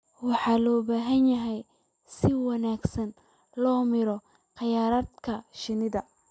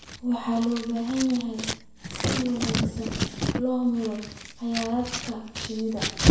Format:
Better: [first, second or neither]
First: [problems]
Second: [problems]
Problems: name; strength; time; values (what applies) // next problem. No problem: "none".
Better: first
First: none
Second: background sound (Scissors); as loud as the speech // room echo; dies away in 0.6 s